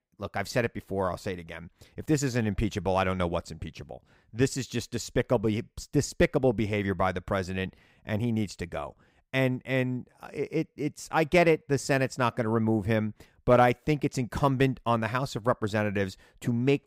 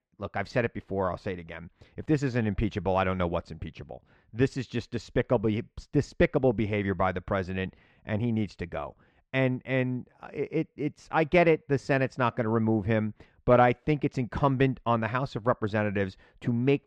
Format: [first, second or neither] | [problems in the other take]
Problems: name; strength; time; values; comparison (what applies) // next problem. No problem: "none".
first | muffled; slightly; fading above 3 kHz